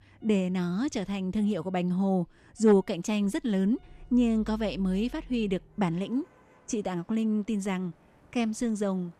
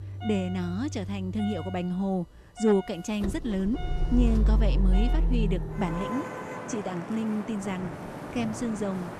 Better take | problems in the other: first | traffic noise; loud; throughout; 2 dB below the speech; faint in the first

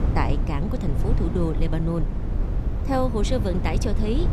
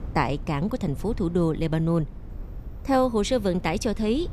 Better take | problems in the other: second | low rumble; loud; throughout; 8 dB below the speech; faint in the second

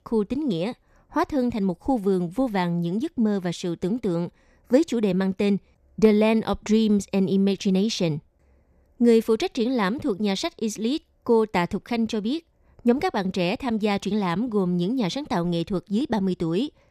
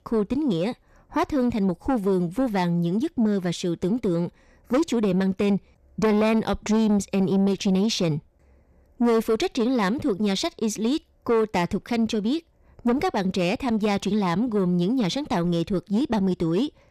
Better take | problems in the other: first | distortion; slight; 10 dB below the speech

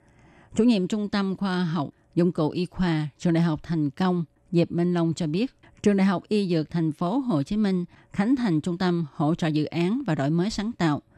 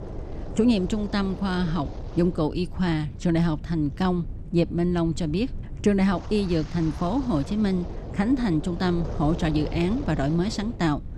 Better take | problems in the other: first | wind noise on the microphone; occasional gusts; 15 dB below the speech

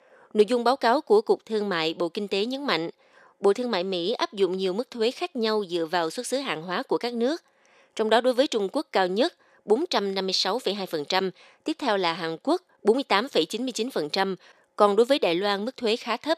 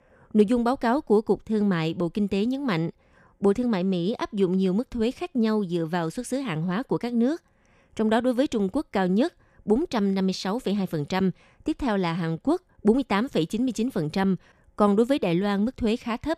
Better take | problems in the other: second | thin; somewhat; fading below 450 Hz

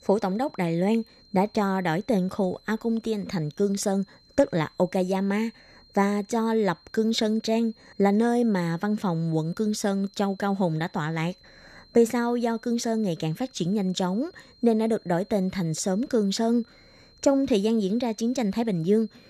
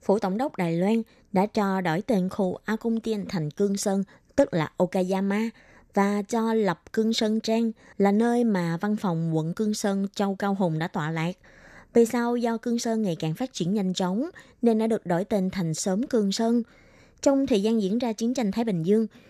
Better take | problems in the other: second | high-pitched whine; faint; throughout; 4 kHz, 30 dB below the speech

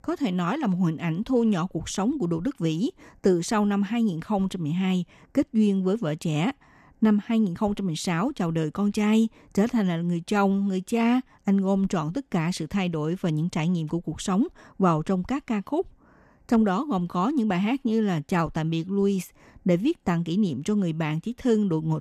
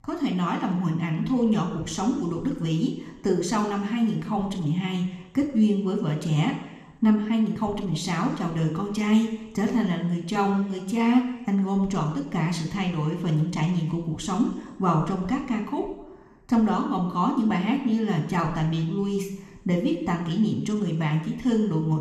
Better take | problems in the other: first | room echo; slight; dies away in 1 s

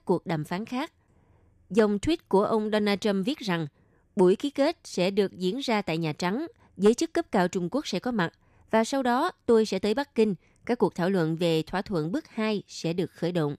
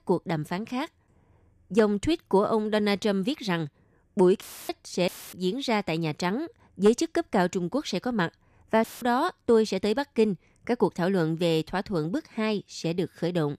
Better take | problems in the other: first | audio cutting out; filled with static; at 4.5 s, at 5 s and at 9 s

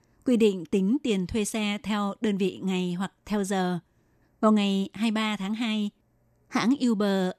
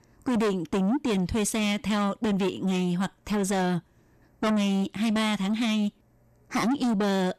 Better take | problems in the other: first | distortion; heavy; 7 dB below the speech

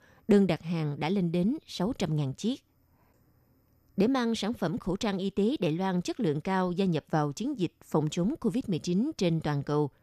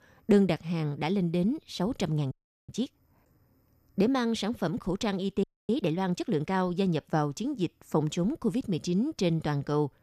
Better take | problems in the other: first | audio freezing; at 2.5 s and at 5.5 s

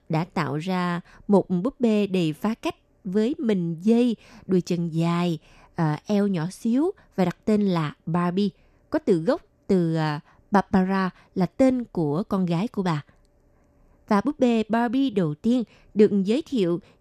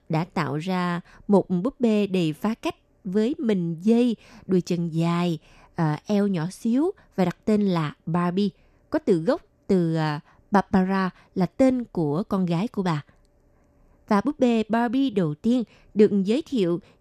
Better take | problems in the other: neither | none

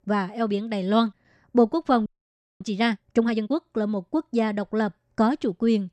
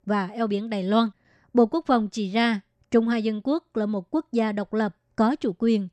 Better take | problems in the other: second | audio freezing; at 2 s for 0.5 s

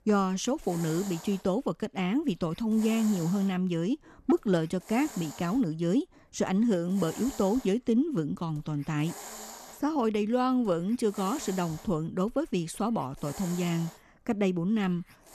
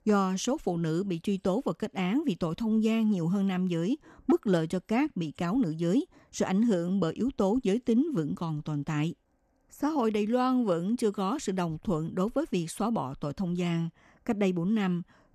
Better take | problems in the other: second | hiss; noticeable; throughout; 15 dB below the speech

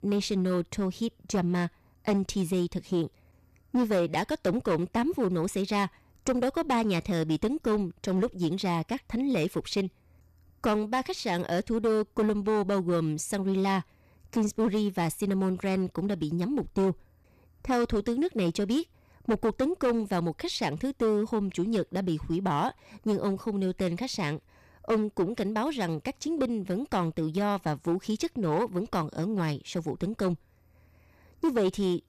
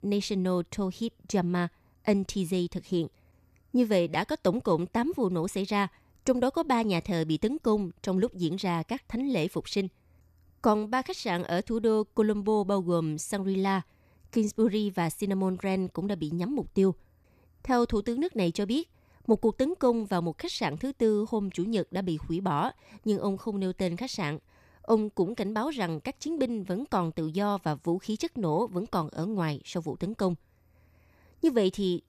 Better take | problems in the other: second | distortion; slight; 6% of the sound clipped

